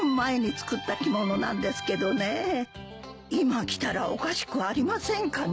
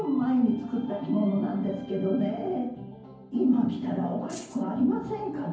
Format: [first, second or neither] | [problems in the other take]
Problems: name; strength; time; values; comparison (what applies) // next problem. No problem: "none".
first | background sound (Rattle (instrument)); 19 dB below the speech // room echo; dies away in 0.9 s